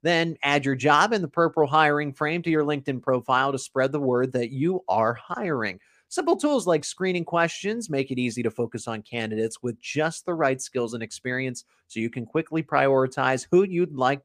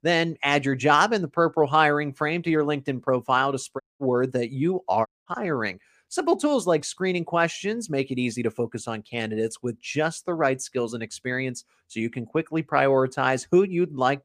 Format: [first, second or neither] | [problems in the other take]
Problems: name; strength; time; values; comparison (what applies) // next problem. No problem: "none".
first | audio cutting out; at 4 s and at 5 s